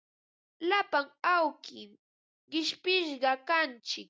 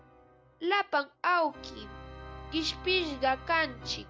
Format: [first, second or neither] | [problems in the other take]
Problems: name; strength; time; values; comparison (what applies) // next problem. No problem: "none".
first | background sound (Organ); 15 dB below the speech